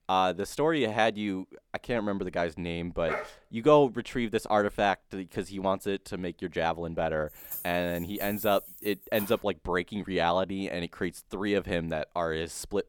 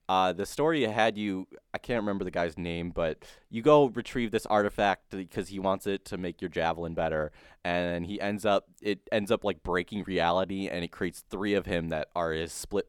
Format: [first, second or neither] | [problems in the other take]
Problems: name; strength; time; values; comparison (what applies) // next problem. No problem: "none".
second | dog barking; noticeable; at 3 s; peak 6 dB below the speech // jangling keys; noticeable; from 7.5 to 9.5 s; peak 8 dB below the speech